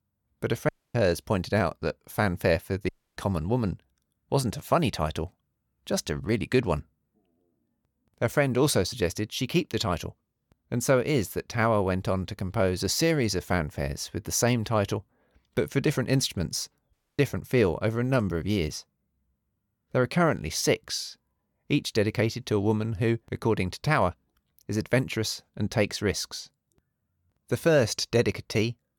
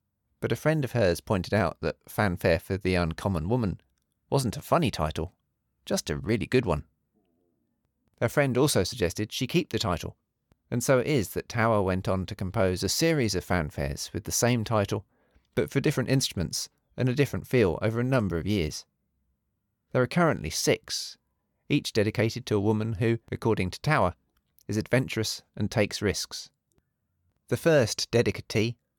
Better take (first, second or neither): second